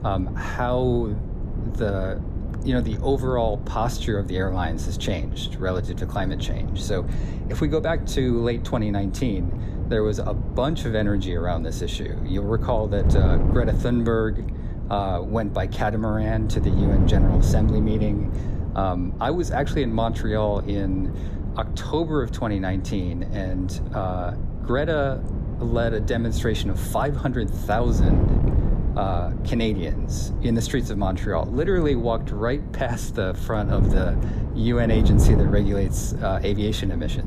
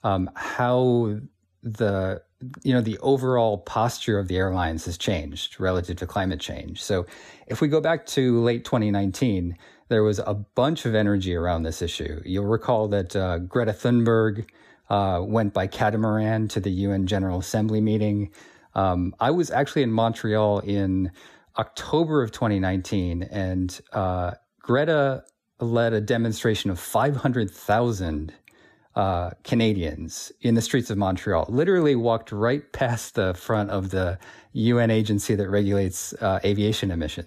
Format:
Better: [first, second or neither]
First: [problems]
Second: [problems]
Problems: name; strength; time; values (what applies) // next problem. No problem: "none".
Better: second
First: wind noise on the microphone; heavy; 9 dB below the speech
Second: none